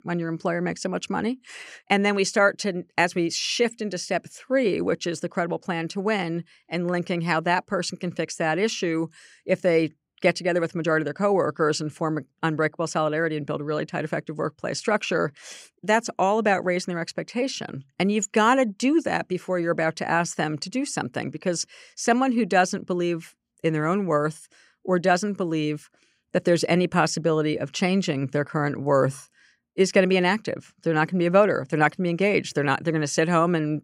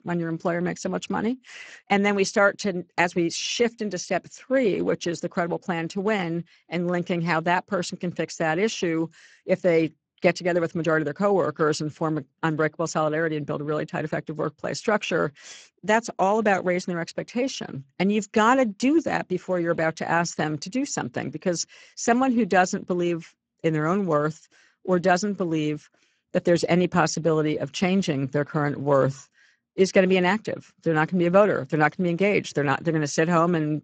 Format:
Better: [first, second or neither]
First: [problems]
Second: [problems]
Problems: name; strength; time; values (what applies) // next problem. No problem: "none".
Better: first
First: none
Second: garbled, watery; badly; nothing above 7.5 kHz